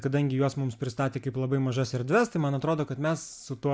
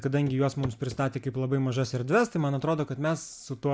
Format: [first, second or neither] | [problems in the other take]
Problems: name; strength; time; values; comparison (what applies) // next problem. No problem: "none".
first | background sound (Walk, footsteps / Run / Wood); 16 dB below the speech